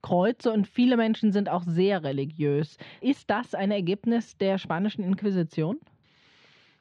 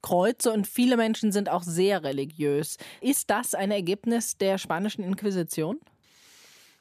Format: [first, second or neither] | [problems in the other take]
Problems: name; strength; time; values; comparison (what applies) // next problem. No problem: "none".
second | muffled; slightly; fading above 4 kHz